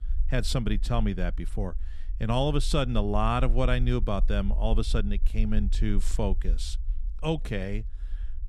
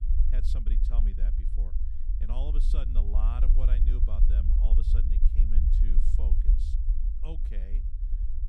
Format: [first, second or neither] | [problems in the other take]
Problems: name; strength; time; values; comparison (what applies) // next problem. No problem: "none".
first | low rumble; loud; throughout; 2 dB below the speech; faint in the first